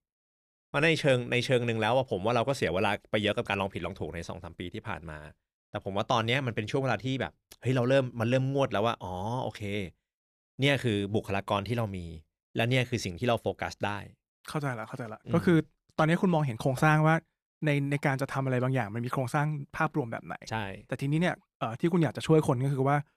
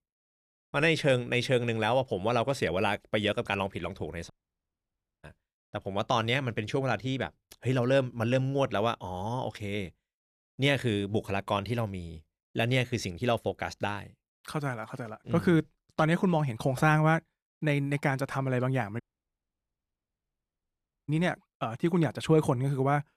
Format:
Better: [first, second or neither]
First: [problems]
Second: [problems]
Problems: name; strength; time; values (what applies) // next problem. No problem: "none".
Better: first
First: none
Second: audio cutting out; at 4.5 s for 1 s and at 19 s for 2 s